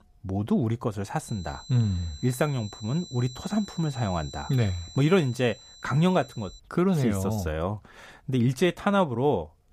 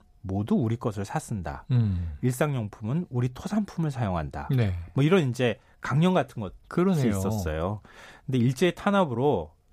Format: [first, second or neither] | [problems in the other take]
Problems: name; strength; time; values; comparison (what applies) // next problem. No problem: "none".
second | high-pitched whine; noticeable; from 1.5 to 6.5 s; 4 kHz, 15 dB below the speech